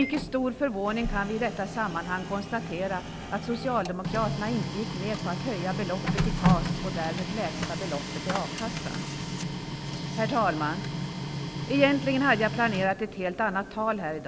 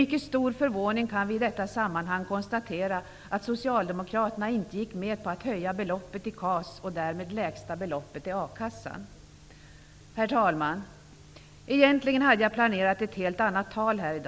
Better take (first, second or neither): second